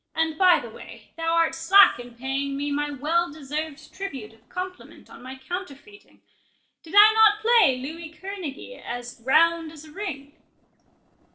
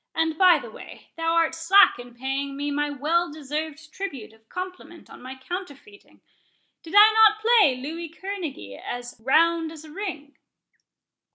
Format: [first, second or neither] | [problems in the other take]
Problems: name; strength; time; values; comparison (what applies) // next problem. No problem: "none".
second | noise reduction (neural separator model SepFormer DNS4)